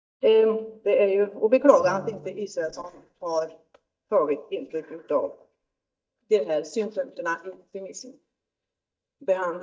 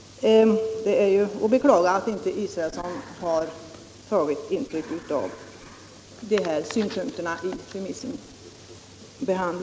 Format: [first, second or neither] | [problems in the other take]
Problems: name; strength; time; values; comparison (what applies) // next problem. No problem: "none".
second | noise reduction (neural mask model DeepFilterNet 3)